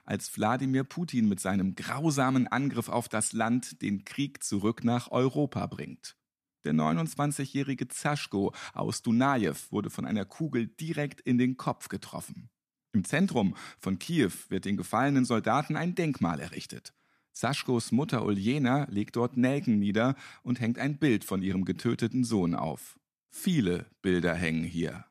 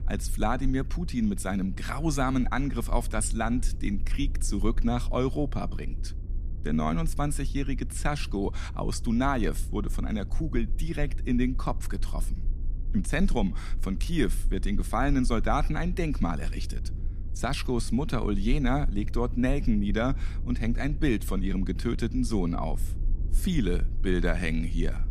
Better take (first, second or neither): first